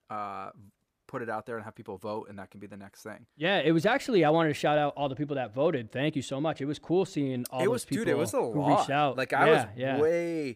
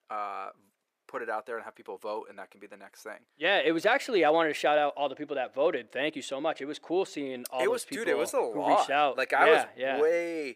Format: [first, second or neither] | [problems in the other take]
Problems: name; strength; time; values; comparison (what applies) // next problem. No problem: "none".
first | thin; somewhat; fading below 450 Hz